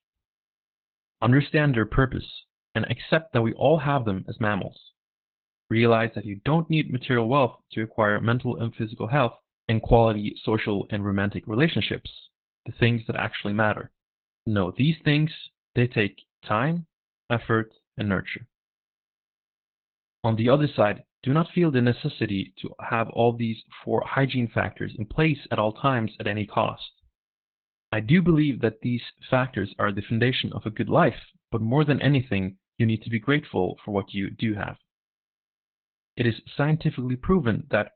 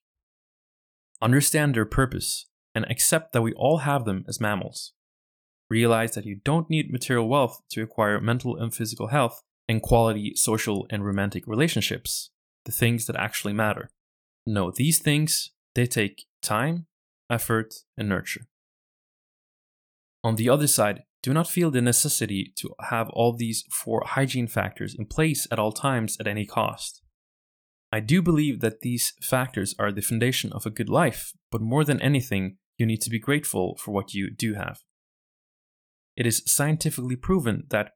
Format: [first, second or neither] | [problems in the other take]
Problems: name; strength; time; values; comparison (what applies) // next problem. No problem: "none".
second | garbled, watery; badly; nothing above 4 kHz